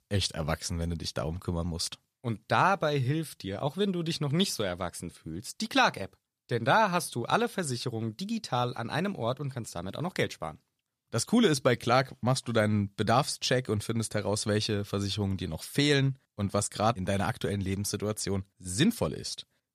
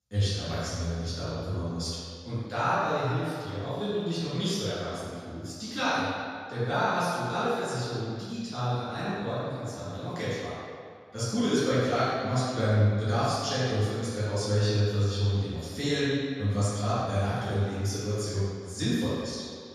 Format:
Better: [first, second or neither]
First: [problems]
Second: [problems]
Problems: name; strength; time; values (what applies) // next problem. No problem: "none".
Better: first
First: none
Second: room echo; strong; dies away in 1.8 s // off-mic speech; far